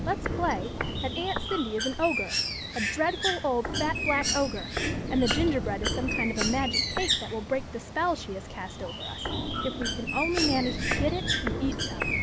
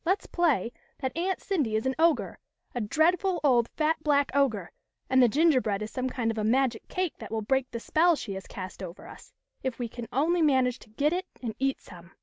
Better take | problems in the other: second | background sound (Walk, footsteps + Bird); as loud as the speech

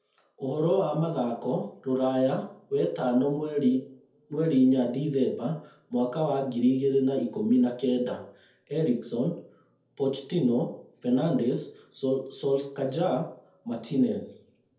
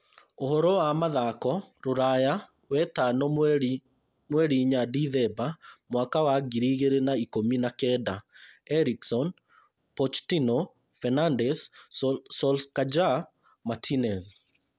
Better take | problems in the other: second | room echo; dies away in 0.5 s

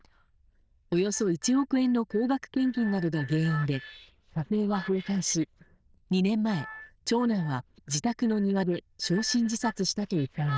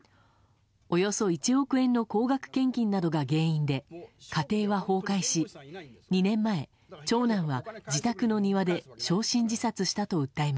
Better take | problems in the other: second | noise reduction (neural diffusion model UNIVERSE++)

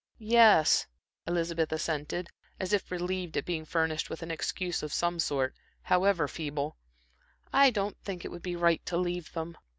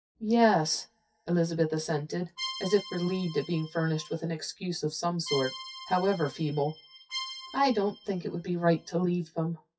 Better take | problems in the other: first | noise reduction (classical method WPE with log-MMSE)

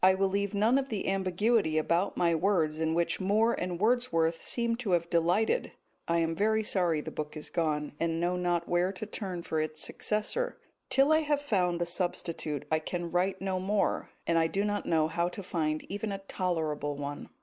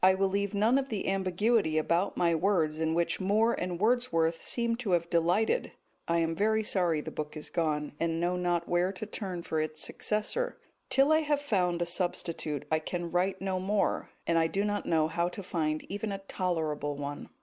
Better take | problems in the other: second | noise reduction (neural mask model Resemble Enhance denoiser)

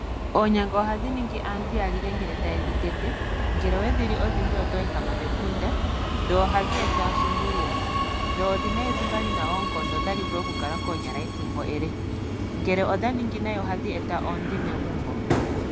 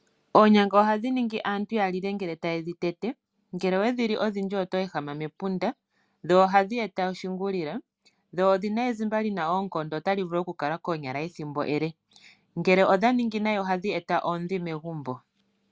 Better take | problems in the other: second | background sound (Subway, metro, underground); 3 dB above the speech

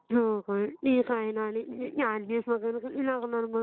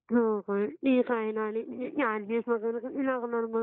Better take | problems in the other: first | noise reduction (neural mask model Resemble Enhance denoiser)

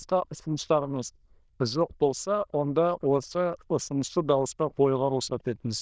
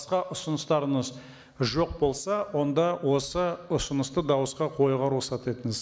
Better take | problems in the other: second | noise reduction (neural diffusion model UNIVERSE++)

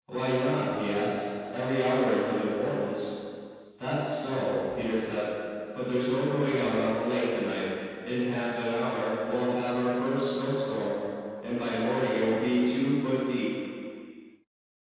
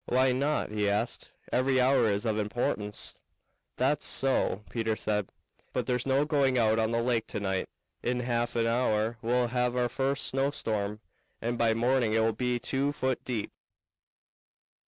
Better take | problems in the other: second | room echo; dies away in 2.1 s

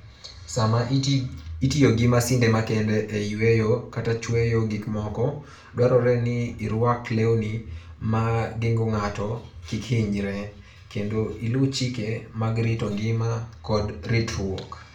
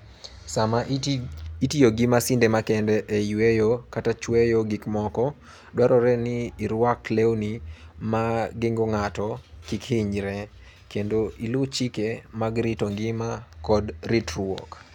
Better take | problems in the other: second | room echo; dies away in 0.4 s

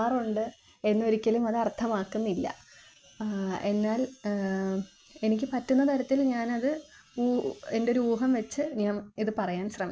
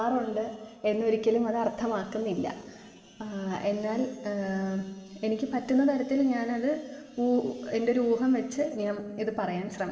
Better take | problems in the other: first | room echo; dies away in 3 s

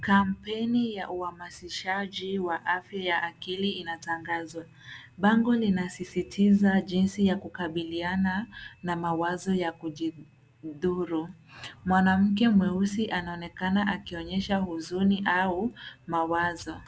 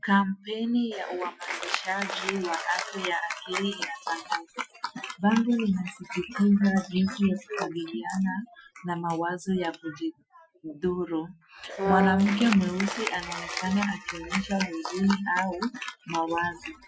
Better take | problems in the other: first | noise reduction (classical method Wiener filter)

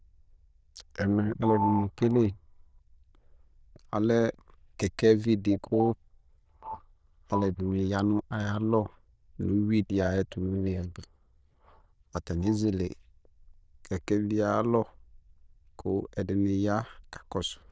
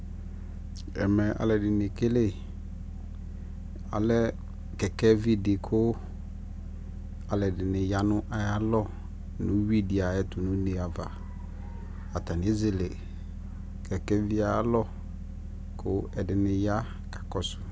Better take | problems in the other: second | noise reduction (neural diffusion model UNIVERSE++)

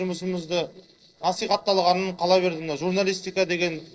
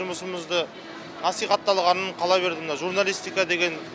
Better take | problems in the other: second | noise reduction (neural separator model SepFormer DNS4)

